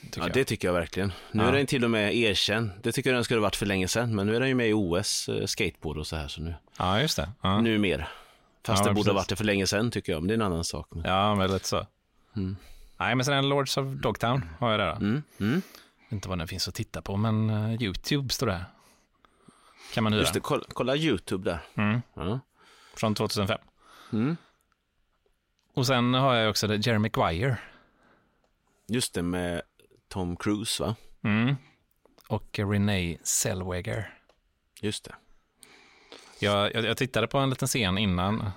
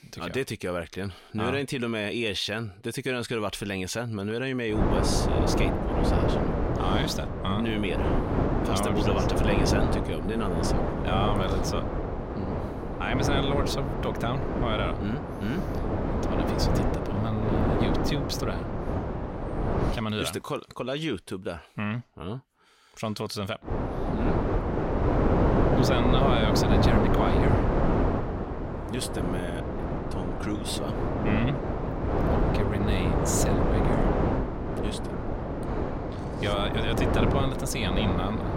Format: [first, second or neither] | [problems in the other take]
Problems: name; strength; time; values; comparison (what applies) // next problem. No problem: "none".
first | wind noise on the microphone; heavy; from 5 to 20 s and from 24 s on; 2 dB above the speech